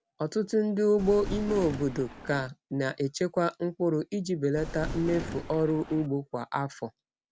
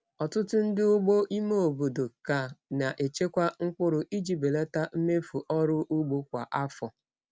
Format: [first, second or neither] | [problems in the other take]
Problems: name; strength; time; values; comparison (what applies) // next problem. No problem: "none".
second | background sound (Thunder); 9 dB below the speech